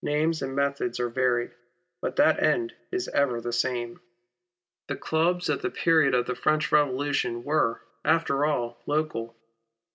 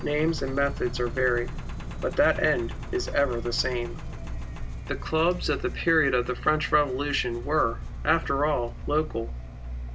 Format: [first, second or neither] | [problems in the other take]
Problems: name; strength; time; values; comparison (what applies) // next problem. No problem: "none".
first | background sound (Engine); 7 dB below the speech